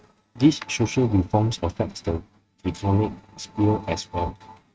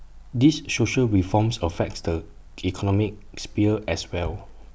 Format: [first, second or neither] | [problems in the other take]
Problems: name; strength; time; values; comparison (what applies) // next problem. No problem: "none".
second | noise reduction (neural mask model RNNoise)